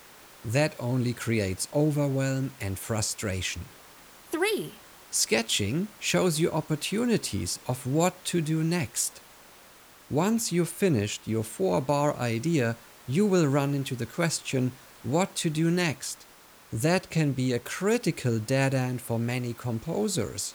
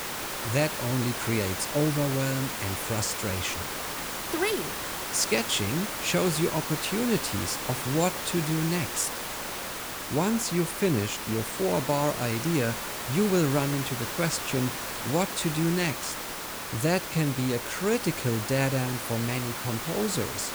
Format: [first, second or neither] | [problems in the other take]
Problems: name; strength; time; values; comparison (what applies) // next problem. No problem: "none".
first | hiss; loud; throughout; 4 dB below the speech; faint in the first